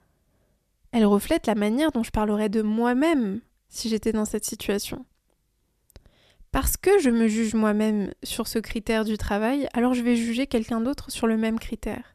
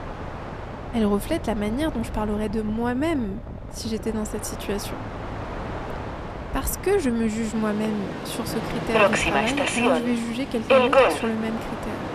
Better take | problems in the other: first | train or aircraft noise; very loud; throughout; as loud as the speech

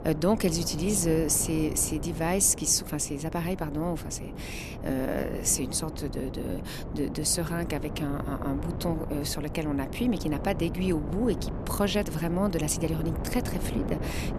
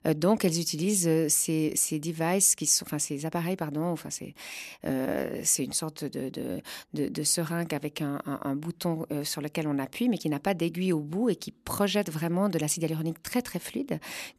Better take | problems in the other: second | wind noise on the microphone; occasional gusts; 10 dB below the speech

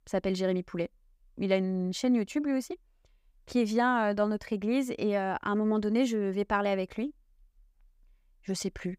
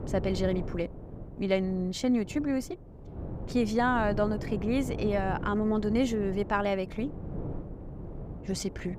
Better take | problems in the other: first | wind noise on the microphone; occasional gusts; 15 dB below the speech

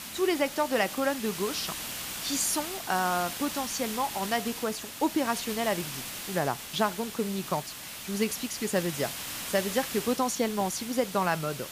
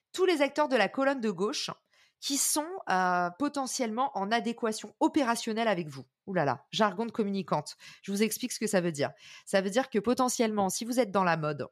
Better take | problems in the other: second | hiss; loud; throughout; 6 dB below the speech

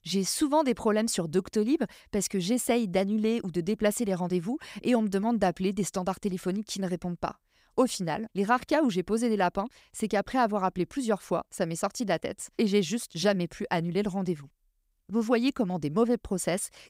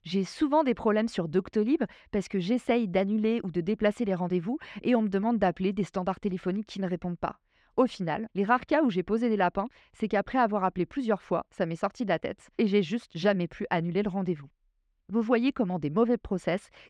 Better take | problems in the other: first | muffled; slightly; fading above 2.5 kHz

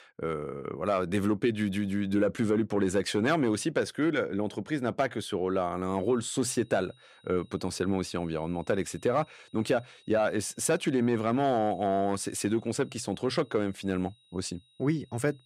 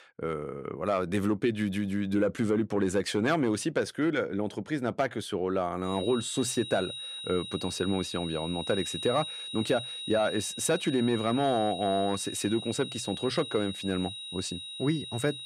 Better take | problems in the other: first | high-pitched whine; loud; from 6 s on; 4 kHz, 7 dB below the speech; faint in the first

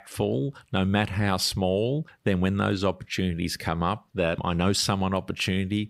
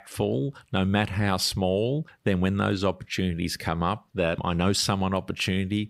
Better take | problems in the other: neither | none

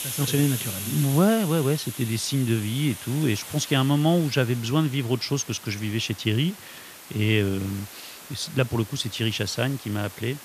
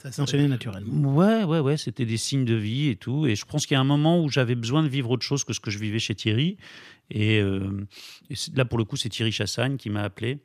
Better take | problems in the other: second | hiss; noticeable; throughout; 10 dB below the speech

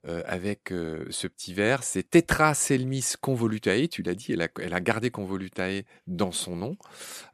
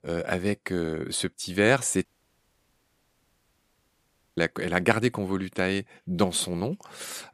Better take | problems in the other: first | audio cutting out; at 2 s for 2.5 s

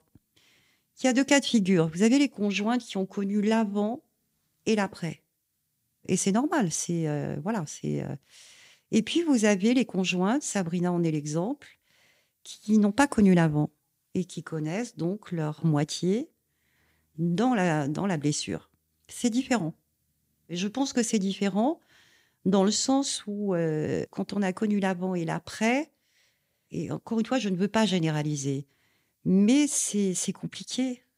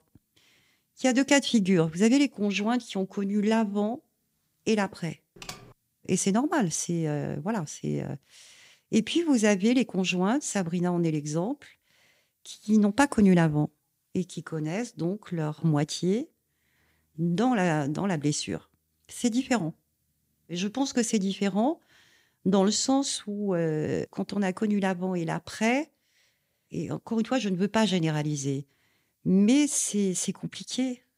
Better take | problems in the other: first | keyboard typing; faint; at 5.5 s; peak 15 dB below the speech

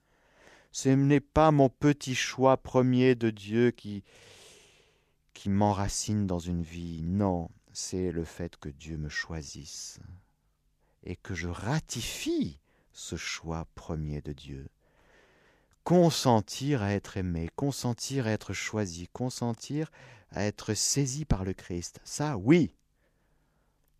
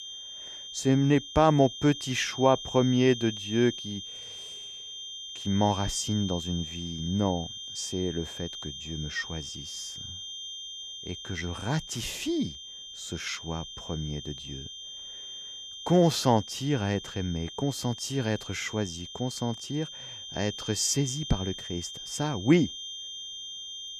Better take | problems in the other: first | high-pitched whine; loud; throughout; 3 kHz, 10 dB below the speech

